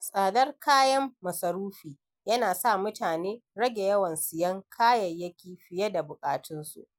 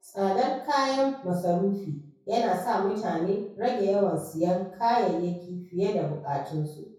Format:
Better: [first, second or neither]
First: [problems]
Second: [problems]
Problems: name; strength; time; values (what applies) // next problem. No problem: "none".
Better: first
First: none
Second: room echo; dies away in 0.6 s